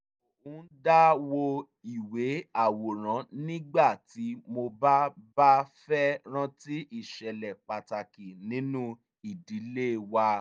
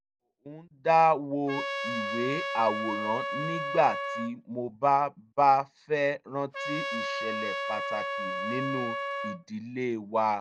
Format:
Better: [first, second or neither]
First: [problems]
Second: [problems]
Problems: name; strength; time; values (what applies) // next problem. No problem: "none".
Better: first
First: none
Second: background sound (Trumpet); 4 dB below the speech